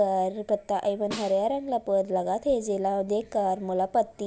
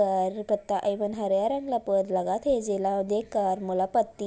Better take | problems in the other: second | background sound (Snare drum); 15 dB below the speech

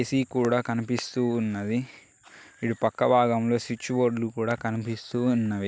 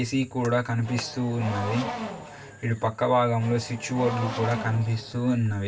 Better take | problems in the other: first | background sound (Race car, auto racing / Accelerating, revving, vroom); 10 dB below the speech // room echo; dies away in 0.2 s

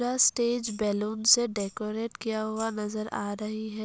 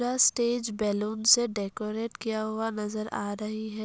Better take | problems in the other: second | background sound (Tambourine); 20 dB below the speech

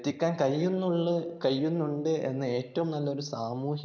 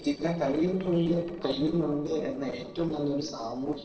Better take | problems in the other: first | noise reduction (neural separator model SepFormer DNS4)

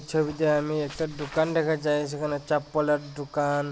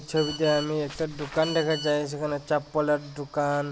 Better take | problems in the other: first | background sound (Telephone); 12 dB below the speech

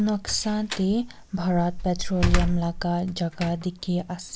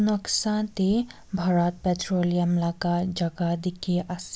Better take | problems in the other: second | background sound (Slam); 4 dB below the speech

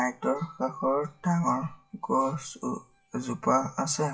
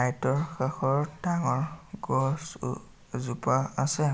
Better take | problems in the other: second | noise reduction (classical method WPE with log-MMSE)

